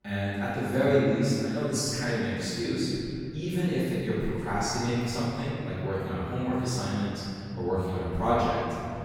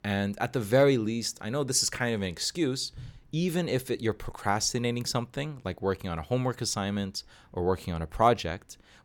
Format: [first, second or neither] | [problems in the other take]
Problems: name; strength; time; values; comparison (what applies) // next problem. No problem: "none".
second | off-mic speech; far // room echo; strong; dies away in 2.9 s